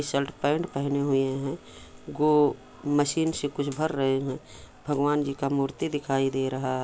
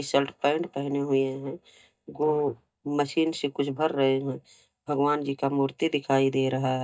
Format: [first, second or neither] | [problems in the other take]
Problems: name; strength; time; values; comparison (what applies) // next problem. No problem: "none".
first | noise reduction (neural mask model DeepFilterNet 3)